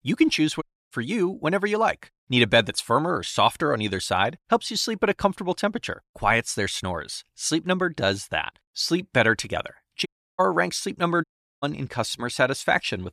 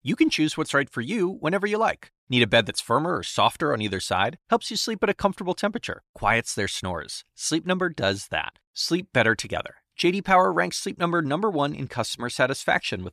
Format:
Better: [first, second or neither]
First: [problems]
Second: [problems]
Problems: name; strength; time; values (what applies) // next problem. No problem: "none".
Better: second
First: audio cutting out; at 0.5 s, at 10 s and at 11 s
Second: none